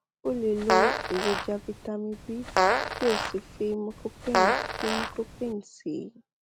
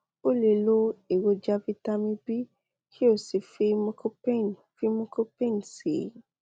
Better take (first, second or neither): second